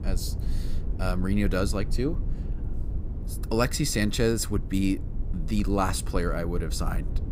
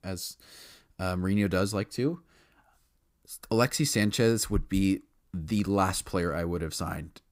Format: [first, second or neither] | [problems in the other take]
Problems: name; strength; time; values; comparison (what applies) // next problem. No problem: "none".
second | low rumble; noticeable; throughout; 15 dB below the speech